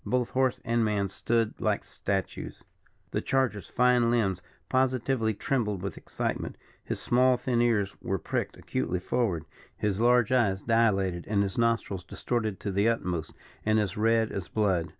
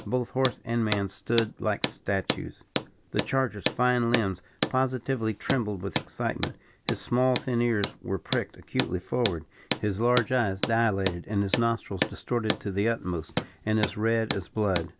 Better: first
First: none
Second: background sound (Hammer); 7 dB below the speech

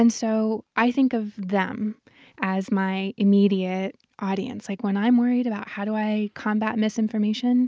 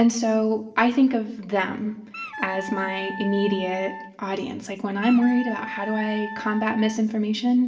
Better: first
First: none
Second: background sound (Wind instrument, woodwind instrument); 12 dB below the speech // room echo; dies away in 0.7 s

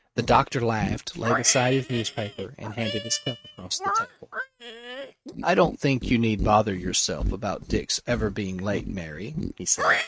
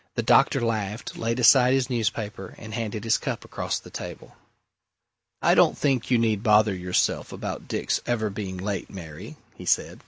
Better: second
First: noise reduction (neural mask model RNNoise)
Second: none

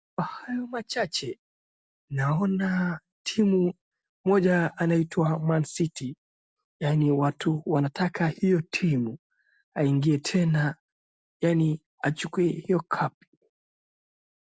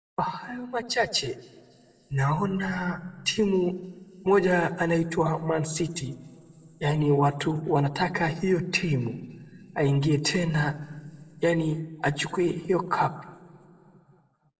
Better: first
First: none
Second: room echo; dies away in 1.2 s

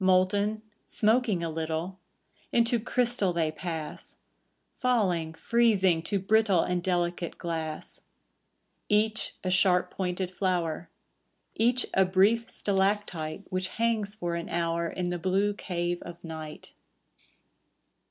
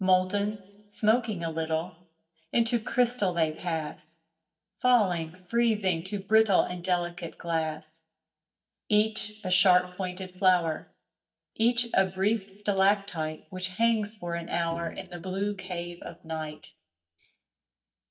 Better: first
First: none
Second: noise reduction (neural mask model DeepFilterNet 3)

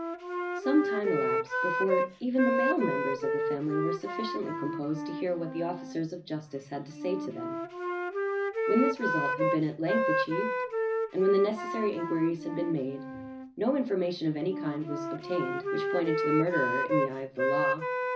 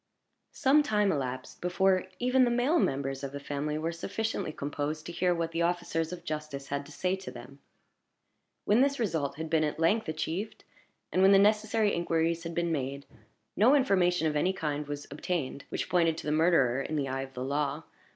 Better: second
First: background sound (Wind instrument, woodwind instrument); as loud as the speech // room echo; dies away in 0.4 s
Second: none

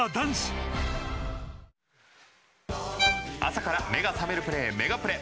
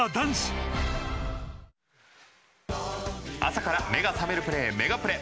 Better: second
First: background sound (Bowed string instrument); 1 dB below the speech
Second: none

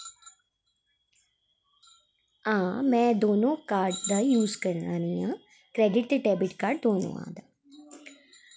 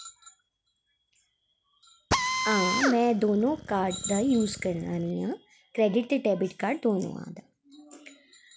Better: first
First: none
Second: background sound (Drill); 3 dB below the speech

